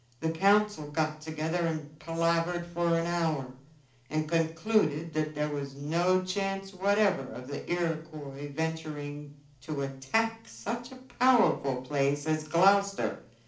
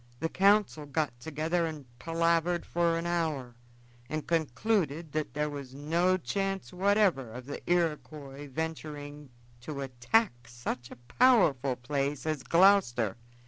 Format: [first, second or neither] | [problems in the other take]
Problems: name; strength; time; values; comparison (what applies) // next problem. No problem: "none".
second | room echo; dies away in 0.4 s